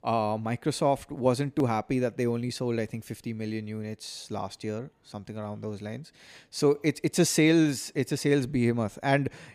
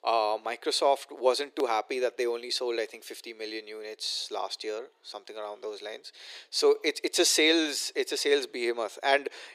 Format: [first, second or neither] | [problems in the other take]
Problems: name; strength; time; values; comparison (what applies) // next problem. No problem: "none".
first | thin; very; fading below 350 Hz